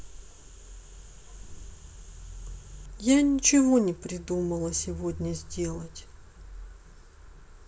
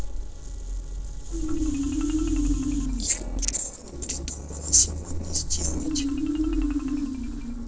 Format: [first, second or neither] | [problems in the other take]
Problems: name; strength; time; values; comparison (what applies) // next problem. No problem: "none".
first | noise reduction (neural separator model SepFormer DNS4)